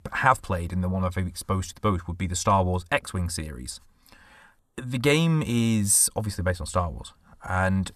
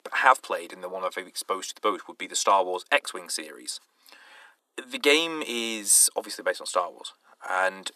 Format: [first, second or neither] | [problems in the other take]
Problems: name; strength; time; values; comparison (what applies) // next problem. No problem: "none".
first | thin; very; fading below 300 Hz